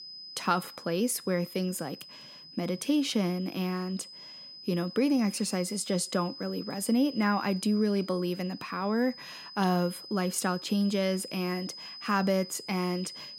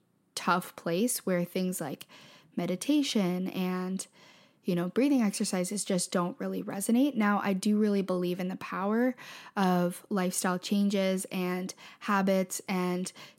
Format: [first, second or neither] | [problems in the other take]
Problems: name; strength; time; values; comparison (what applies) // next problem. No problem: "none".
second | high-pitched whine; noticeable; throughout; 5 kHz, 15 dB below the speech